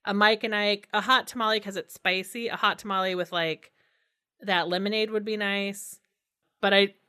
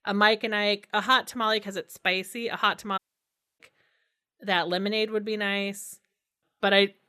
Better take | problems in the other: first | audio cutting out; at 3 s for 0.5 s

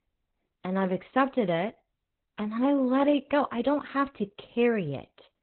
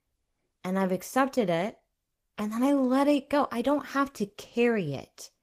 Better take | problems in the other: second | garbled, watery; badly; slightly in the second

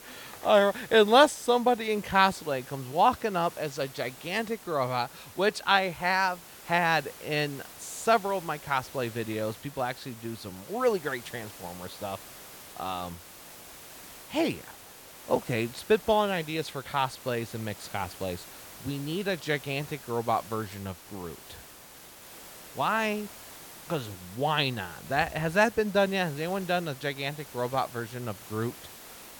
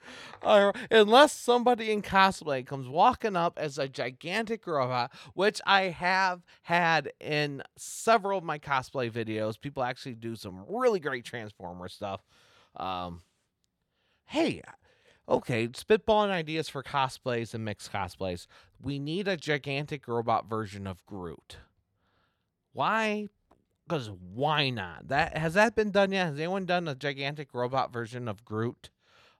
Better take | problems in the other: second | hiss; noticeable; throughout; 15 dB below the speech

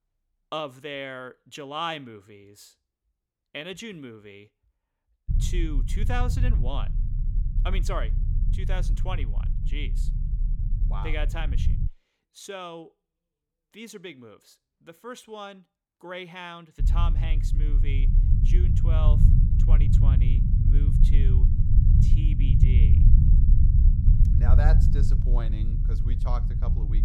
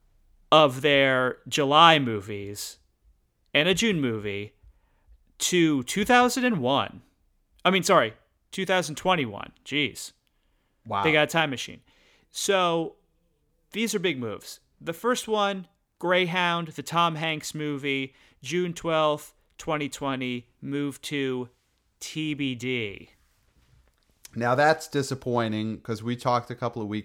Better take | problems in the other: second | low rumble; loud; from 5.5 to 12 s and from 17 s on; 4 dB below the speech

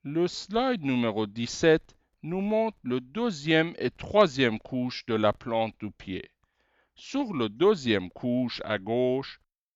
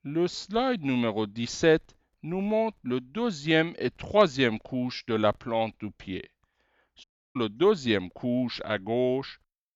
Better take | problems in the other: first | audio cutting out; at 7 s

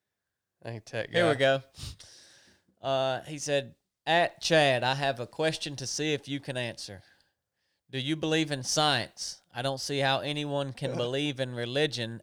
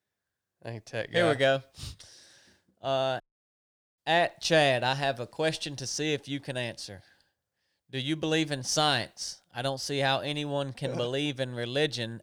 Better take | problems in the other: first | audio cutting out; at 3 s for 1 s

